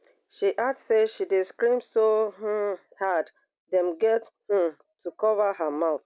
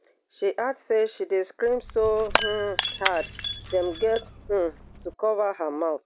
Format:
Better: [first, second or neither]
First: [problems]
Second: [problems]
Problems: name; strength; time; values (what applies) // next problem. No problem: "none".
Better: first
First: none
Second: background sound (Shatter / Crushing); 5 dB below the speech